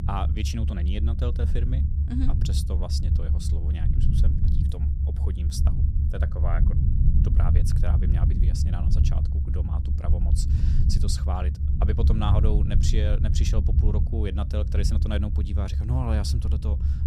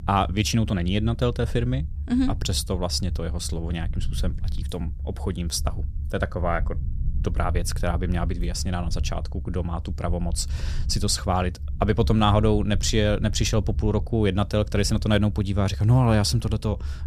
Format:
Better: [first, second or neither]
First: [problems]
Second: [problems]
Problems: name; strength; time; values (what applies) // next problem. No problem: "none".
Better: second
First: low rumble; loud; throughout; 3 dB below the speech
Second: low rumble; faint; throughout; 20 dB below the speech